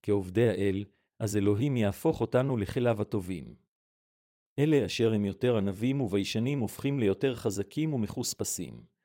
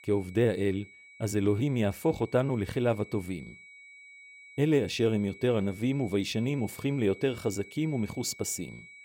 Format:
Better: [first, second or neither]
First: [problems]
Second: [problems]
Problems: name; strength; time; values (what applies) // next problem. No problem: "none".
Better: first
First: none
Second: high-pitched whine; noticeable; throughout; 2.5 kHz, 20 dB below the speech